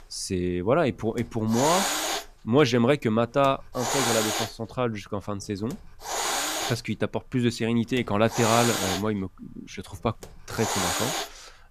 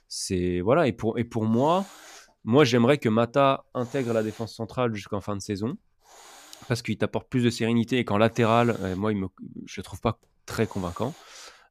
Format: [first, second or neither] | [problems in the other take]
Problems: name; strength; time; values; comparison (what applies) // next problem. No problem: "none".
second | hiss; loud; throughout; 1 dB below the speech; faint in the second